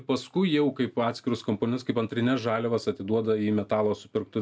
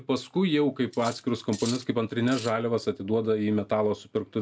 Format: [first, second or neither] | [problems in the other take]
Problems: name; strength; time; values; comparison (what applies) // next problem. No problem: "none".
first | background sound (Cutlery, silverware); 16 dB below the speech